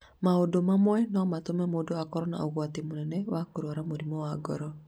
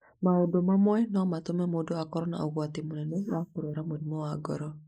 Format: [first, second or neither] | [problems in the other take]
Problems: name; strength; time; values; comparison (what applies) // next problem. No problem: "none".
first | noise reduction (neural mask model Resemble Enhance denoiser)